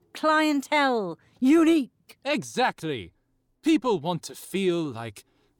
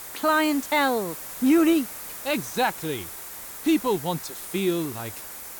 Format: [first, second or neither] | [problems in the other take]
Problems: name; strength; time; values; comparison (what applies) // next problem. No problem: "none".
first | hiss; noticeable; throughout; 10 dB below the speech